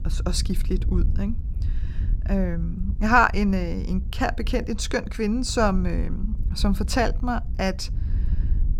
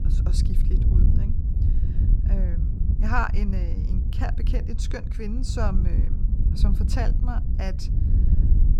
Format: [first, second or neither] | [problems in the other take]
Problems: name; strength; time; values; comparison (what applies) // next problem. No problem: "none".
first | wind noise on the microphone; heavy; 7 dB below the speech; occasional gusts in the first